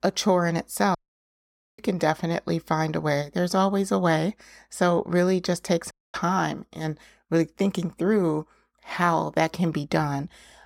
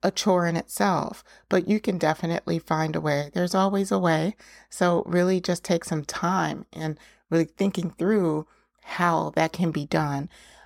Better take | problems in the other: second | audio cutting out; at 1 s for 1 s and at 6 s

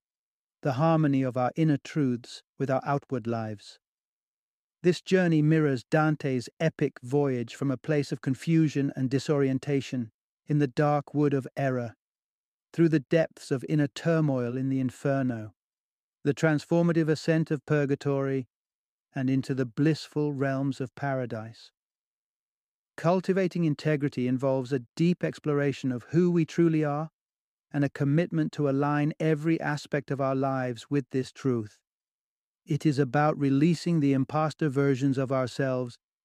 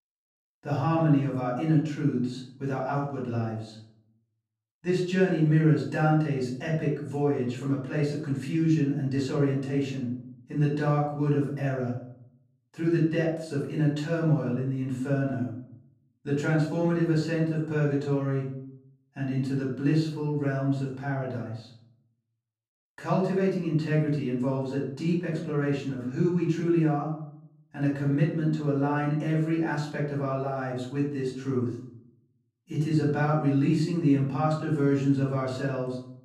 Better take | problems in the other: first | off-mic speech; far // room echo; noticeable; dies away in 0.5 s

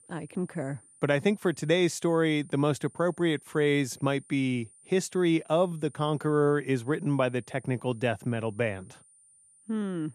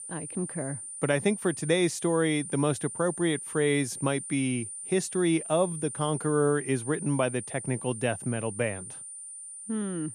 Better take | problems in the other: first | high-pitched whine; loud; throughout; 9 kHz, 9 dB below the speech; faint in the first

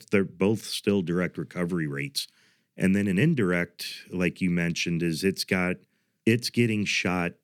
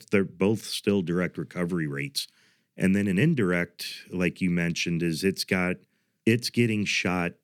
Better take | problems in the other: neither | none

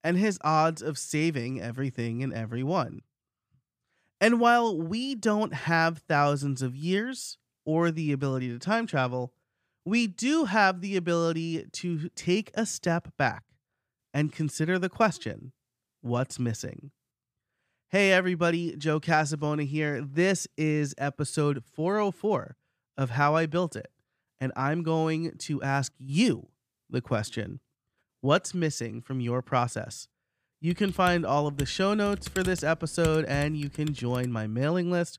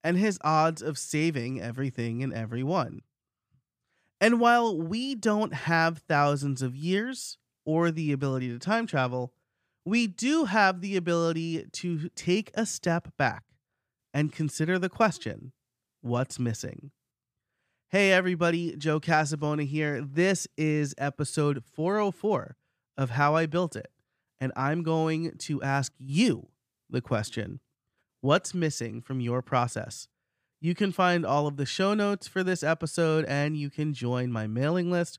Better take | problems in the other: second | keyboard typing; noticeable; from 31 to 34 s; peak 9 dB below the speech

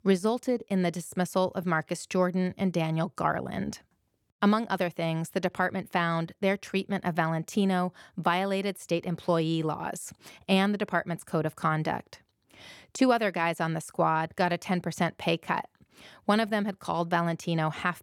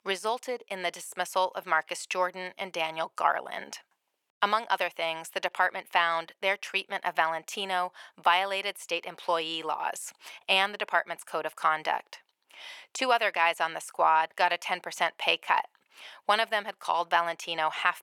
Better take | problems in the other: first | thin; very; fading below 750 Hz

